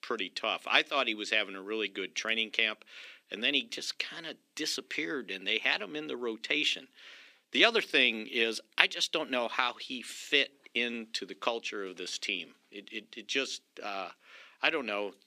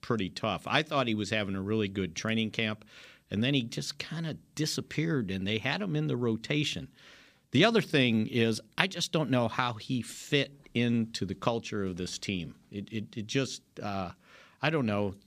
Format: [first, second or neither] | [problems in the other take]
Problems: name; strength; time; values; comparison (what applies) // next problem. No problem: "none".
second | thin; somewhat; fading below 300 Hz